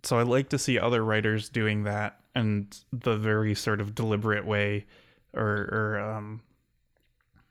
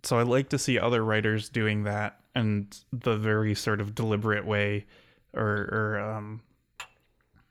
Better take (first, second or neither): first